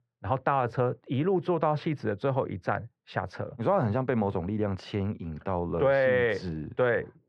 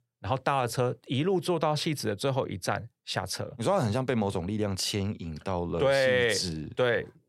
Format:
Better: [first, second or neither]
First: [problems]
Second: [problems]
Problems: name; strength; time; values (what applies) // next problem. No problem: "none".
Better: second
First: muffled; very; fading above 1.5 kHz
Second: none